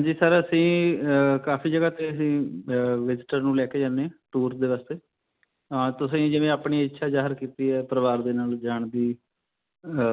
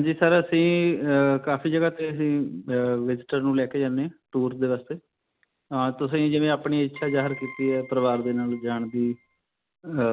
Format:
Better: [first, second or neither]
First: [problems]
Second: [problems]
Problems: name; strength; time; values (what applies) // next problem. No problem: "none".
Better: first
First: none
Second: background sound (Keyboard (musical)); 19 dB below the speech